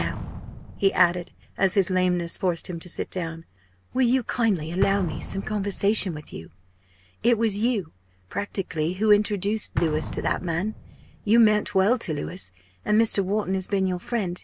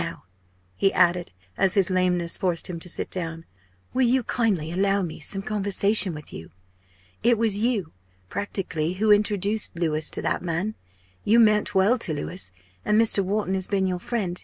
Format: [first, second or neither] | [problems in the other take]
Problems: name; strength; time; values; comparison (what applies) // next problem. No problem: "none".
second | background sound (Explosion); 14 dB below the speech